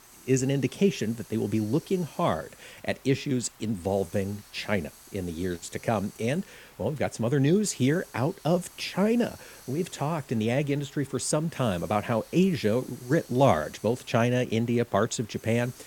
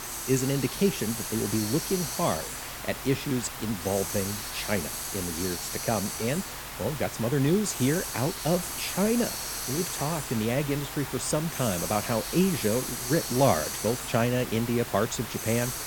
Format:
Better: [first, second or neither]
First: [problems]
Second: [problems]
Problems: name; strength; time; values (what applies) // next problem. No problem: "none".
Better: first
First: hiss; faint; throughout; 20 dB below the speech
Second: hiss; loud; throughout; 4 dB below the speech